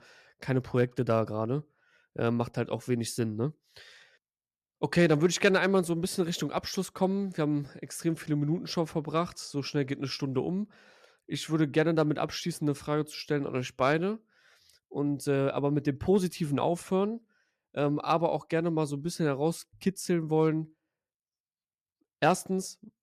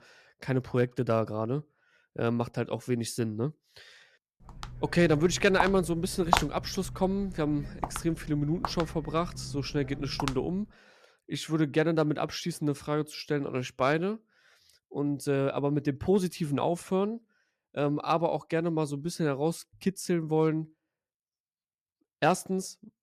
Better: first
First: none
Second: footsteps; loud; from 5.5 to 10 s; peak 2 dB above the speech

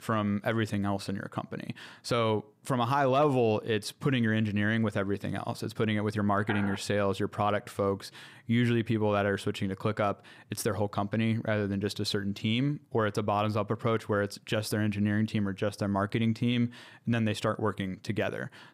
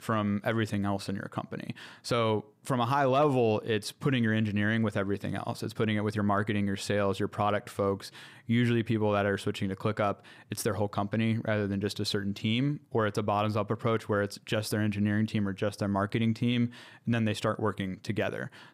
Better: second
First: phone ringing; noticeable; at 6.5 s; peak 8 dB below the speech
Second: none

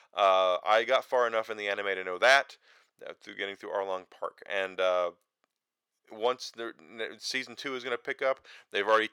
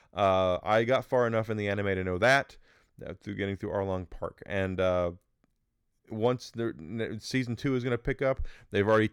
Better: second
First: thin; very; fading below 650 Hz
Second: none

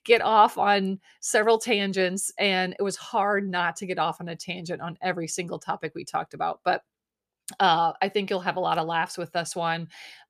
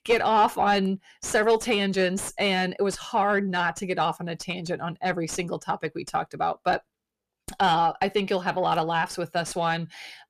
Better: first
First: none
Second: distortion; slight; 10 dB below the speech

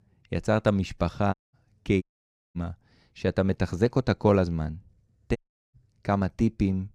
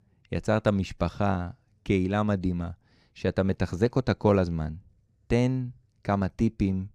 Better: second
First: audio cutting out; at 1.5 s, at 2 s for 0.5 s and at 5.5 s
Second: none

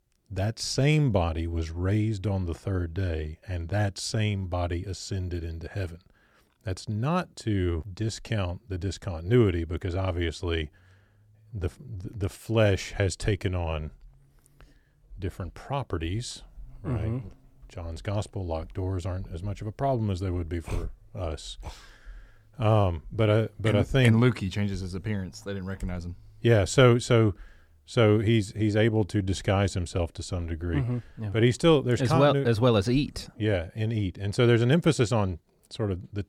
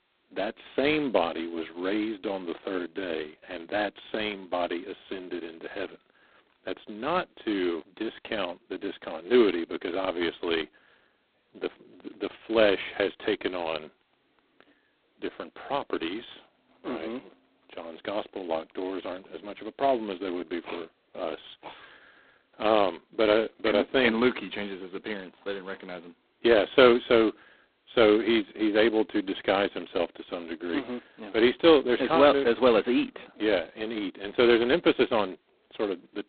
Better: first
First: none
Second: phone-call audio; poor line; nothing above 4 kHz

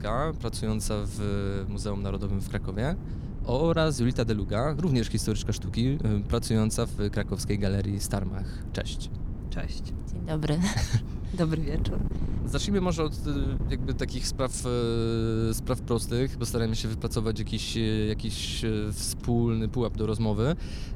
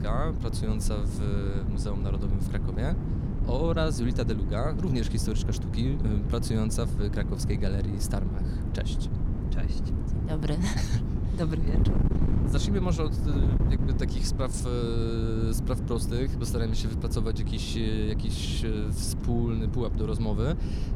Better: first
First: wind noise on the microphone; occasional gusts; 15 dB below the speech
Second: wind noise on the microphone; heavy; 5 dB below the speech

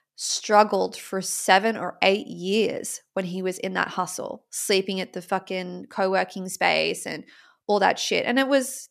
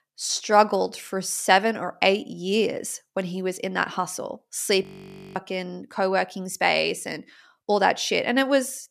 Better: first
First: none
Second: audio freezing; at 5 s for 0.5 s

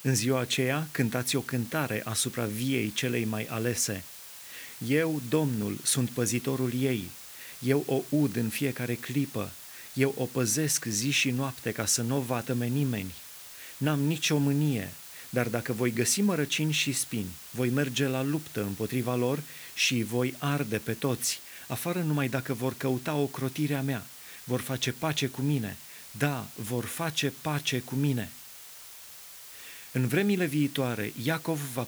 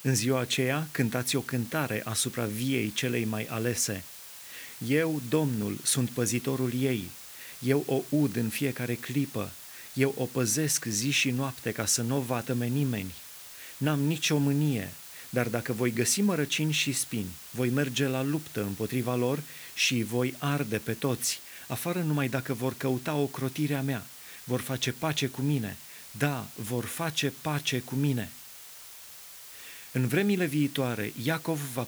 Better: neither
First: hiss; noticeable; throughout; 15 dB below the speech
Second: hiss; noticeable; throughout; 15 dB below the speech

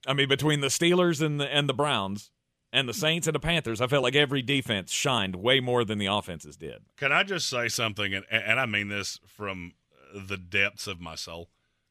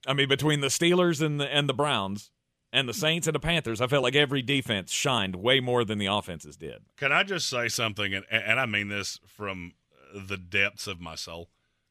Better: neither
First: none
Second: none

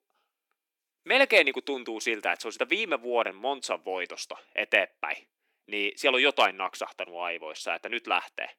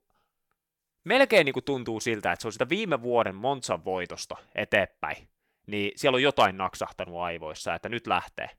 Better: second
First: thin; very slightly; fading below 250 Hz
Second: none

